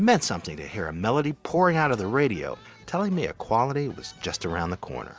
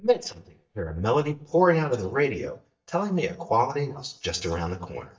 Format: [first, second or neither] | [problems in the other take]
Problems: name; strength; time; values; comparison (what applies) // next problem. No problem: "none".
first | noise reduction (neural mask model DeepFilterNet 3)